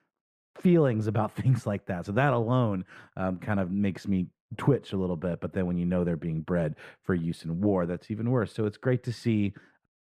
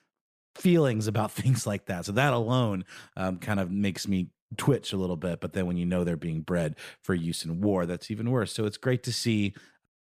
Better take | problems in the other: second | muffled; slightly; fading above 3 kHz

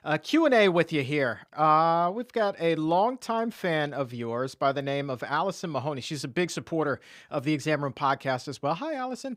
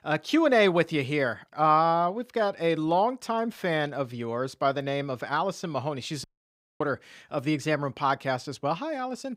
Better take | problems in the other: first | audio cutting out; at 6 s for 0.5 s

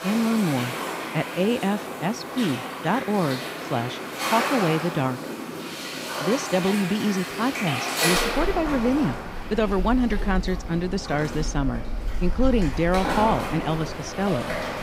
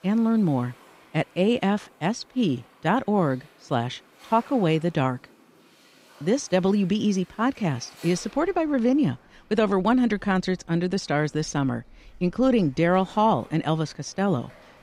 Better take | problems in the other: second | rain or running water; loud; throughout; 4 dB below the speech; faint in the second

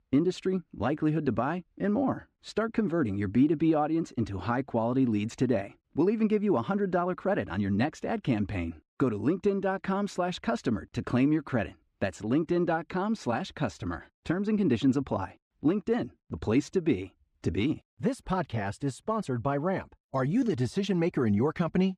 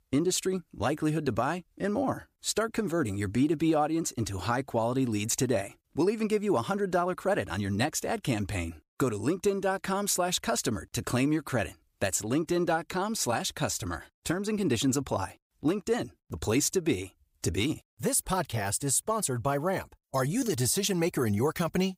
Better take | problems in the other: second | muffled; slightly; fading above 3 kHz

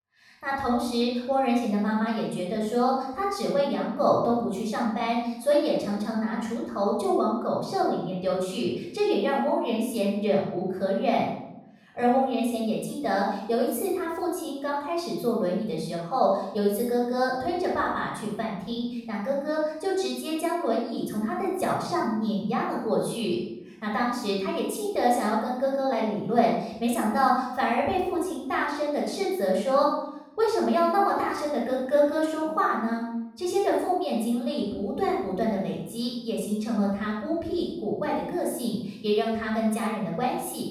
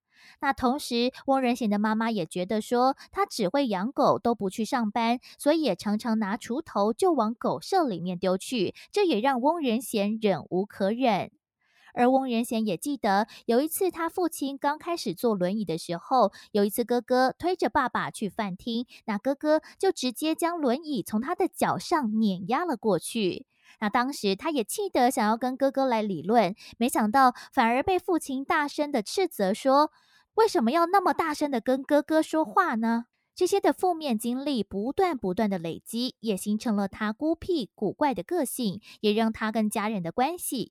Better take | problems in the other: second | off-mic speech; far // room echo; noticeable; dies away in 0.7 s

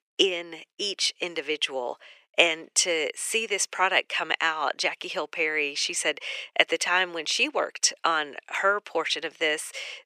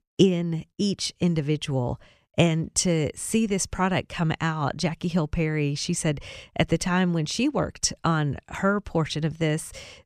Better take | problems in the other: second | thin; very; fading below 400 Hz

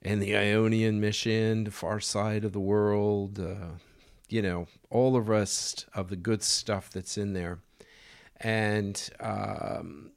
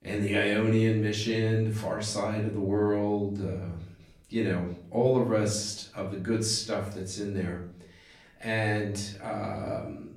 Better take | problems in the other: first | room echo; slight; dies away in 0.5 s // off-mic speech; far

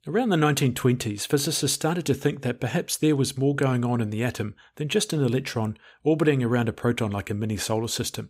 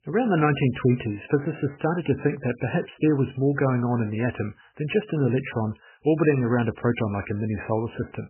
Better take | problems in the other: first | garbled, watery; badly; nothing above 3 kHz

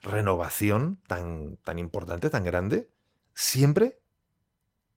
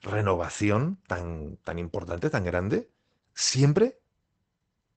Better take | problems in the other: first | garbled, watery; badly; nothing above 8 kHz; slightly in the first

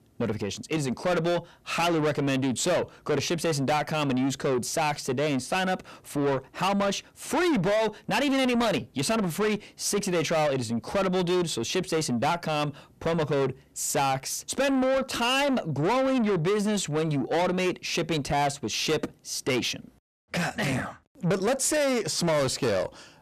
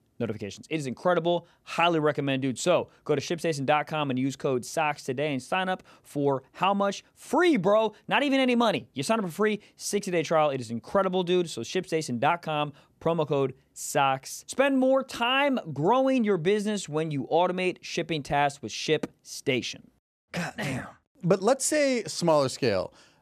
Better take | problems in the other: second | distortion; heavy; 7 dB below the speech

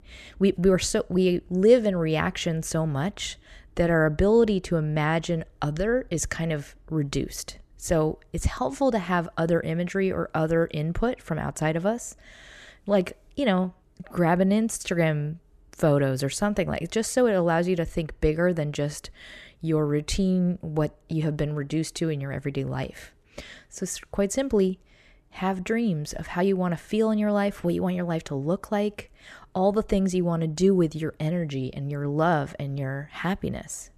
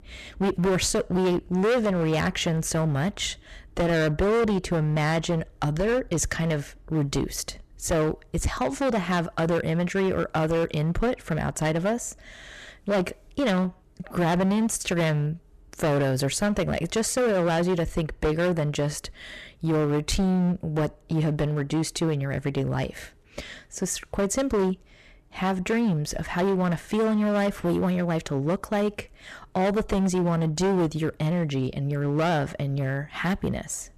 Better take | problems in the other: first | distortion; heavy; 15% of the sound clipped

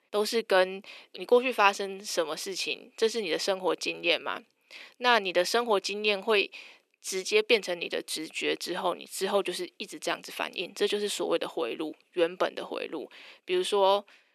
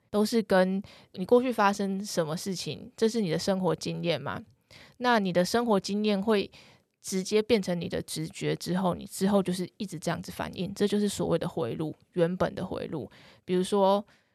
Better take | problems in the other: second | thin; somewhat; fading below 300 Hz

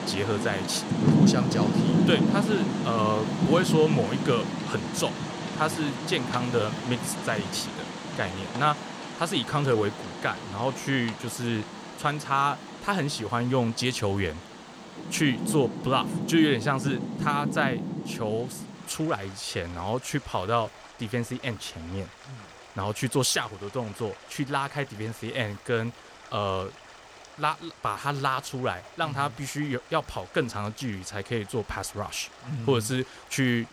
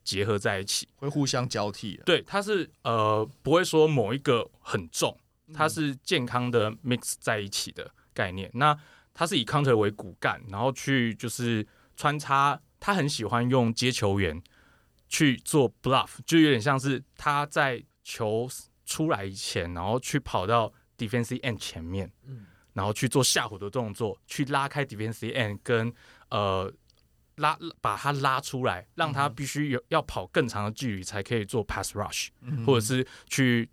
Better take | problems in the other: second | rain or running water; loud; throughout; 1 dB below the speech

